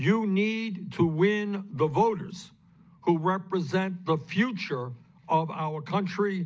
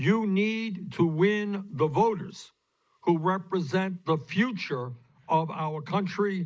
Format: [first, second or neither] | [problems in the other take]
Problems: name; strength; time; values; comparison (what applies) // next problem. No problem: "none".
first | noise reduction (neural mask model Resemble Enhance denoiser)